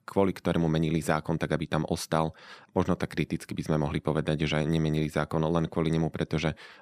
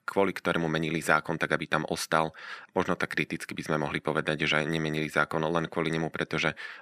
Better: first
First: none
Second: thin; somewhat; fading below 700 Hz

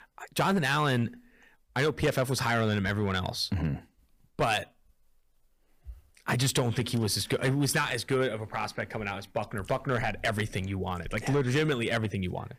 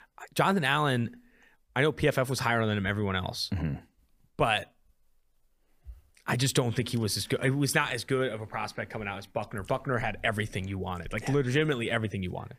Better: second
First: distortion; slight; 4% of the sound clipped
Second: none

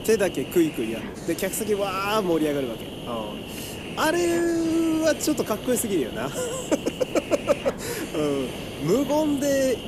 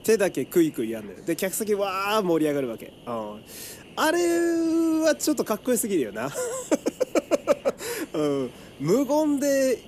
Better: second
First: hiss; loud; throughout; 9 dB below the speech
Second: hiss; faint; throughout; 20 dB below the speech

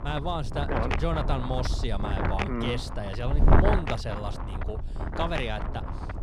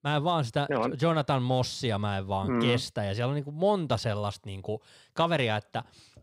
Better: second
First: wind noise on the microphone; heavy; 1 dB below the speech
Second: none

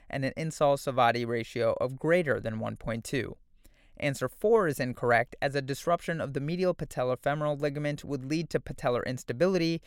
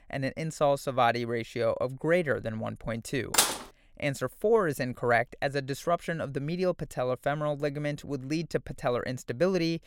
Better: first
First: none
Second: clattering dishes; loud; at 3.5 s; peak 5 dB above the speech

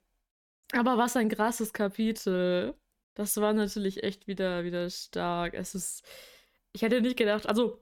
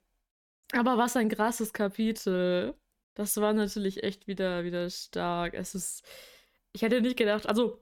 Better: neither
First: none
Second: none

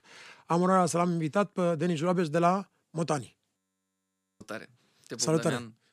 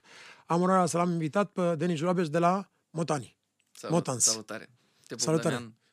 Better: second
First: audio freezing; at 3.5 s for 1 s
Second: none

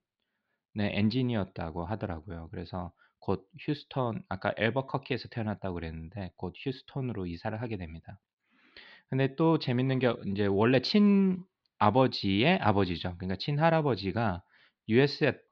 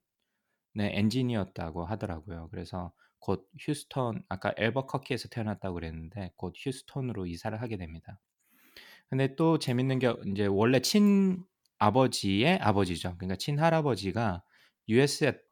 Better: second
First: muffled; very slightly; fading above 4.5 kHz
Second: none

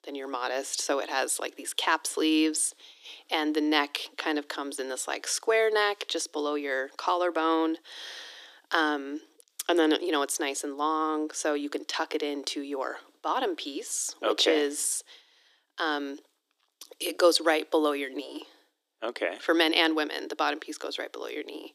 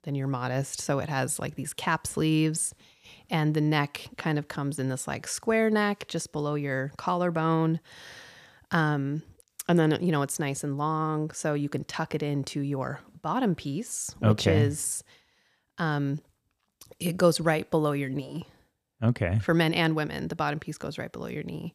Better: second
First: thin; somewhat; fading below 300 Hz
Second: none

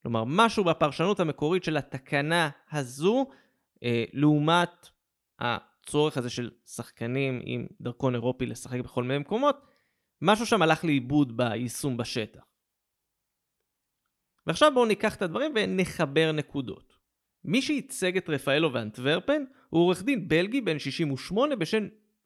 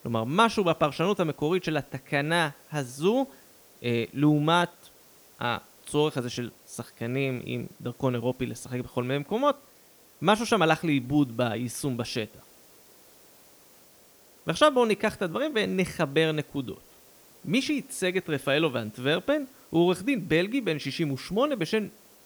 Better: first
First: none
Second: hiss; faint; throughout; 25 dB below the speech

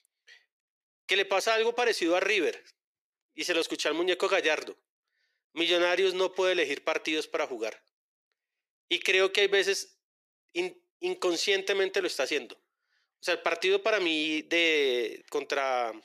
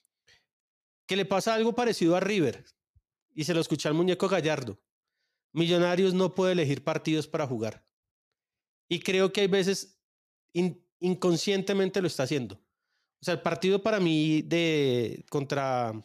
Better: second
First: thin; very; fading below 400 Hz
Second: none

